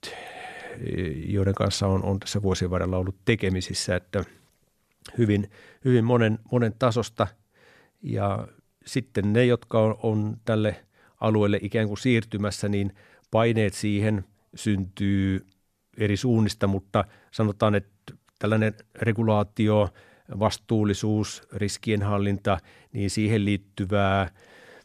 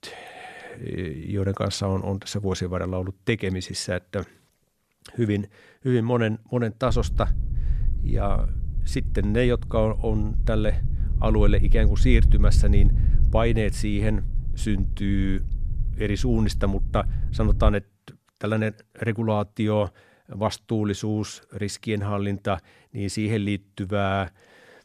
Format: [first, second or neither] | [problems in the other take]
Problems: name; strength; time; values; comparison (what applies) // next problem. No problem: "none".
first | wind noise on the microphone; occasional gusts; from 7 to 18 s; 15 dB below the speech